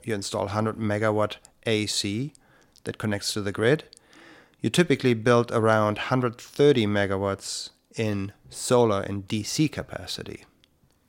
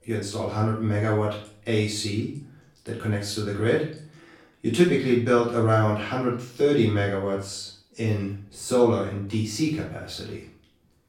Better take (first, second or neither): first